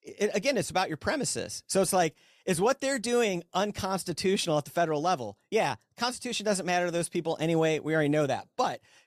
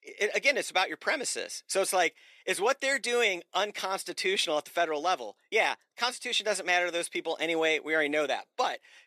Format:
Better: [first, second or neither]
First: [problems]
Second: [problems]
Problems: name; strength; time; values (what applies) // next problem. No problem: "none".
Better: first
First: none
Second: thin; somewhat; fading below 350 Hz